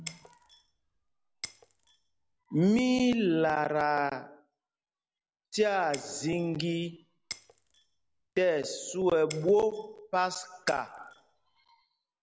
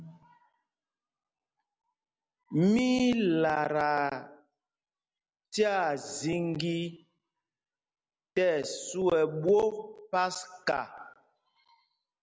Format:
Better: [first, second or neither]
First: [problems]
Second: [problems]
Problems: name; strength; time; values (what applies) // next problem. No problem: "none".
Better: second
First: background sound (Shatter); 19 dB below the speech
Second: none